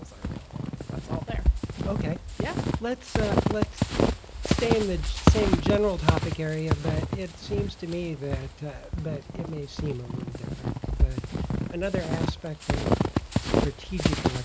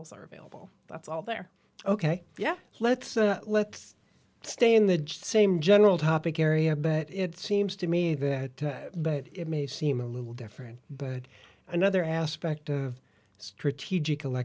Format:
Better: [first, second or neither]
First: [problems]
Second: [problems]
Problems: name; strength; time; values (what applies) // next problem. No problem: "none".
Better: second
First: background sound (Squeak / Walk, footsteps); 5 dB above the speech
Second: none